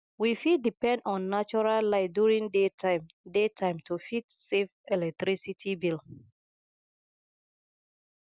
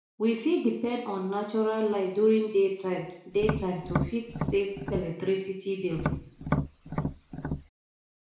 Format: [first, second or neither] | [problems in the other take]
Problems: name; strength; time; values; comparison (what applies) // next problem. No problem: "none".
first | background sound (Tap); 3 dB below the speech // room echo; dies away in 0.6 s